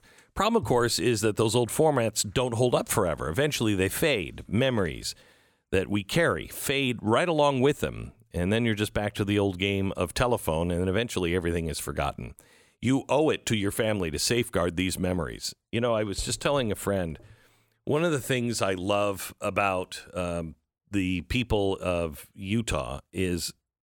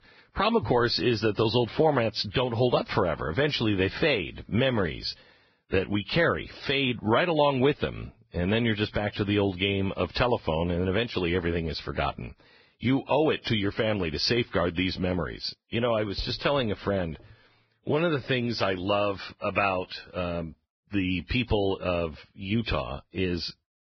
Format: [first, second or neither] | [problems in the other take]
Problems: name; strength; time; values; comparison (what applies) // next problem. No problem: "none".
first | garbled, watery; badly; nothing above 5 kHz